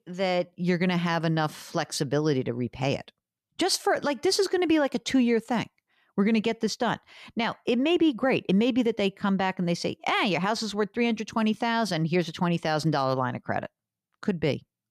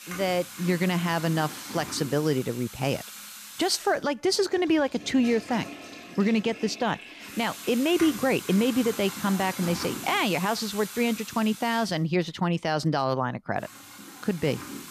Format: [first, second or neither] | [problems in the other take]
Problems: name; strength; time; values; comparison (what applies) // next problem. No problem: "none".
first | household noises; noticeable; throughout; 10 dB below the speech